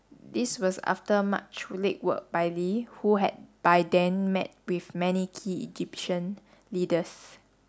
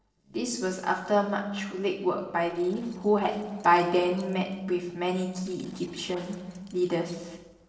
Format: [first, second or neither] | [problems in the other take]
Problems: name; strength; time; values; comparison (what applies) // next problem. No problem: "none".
first | noise reduction (neural separator model SepFormer DNS4)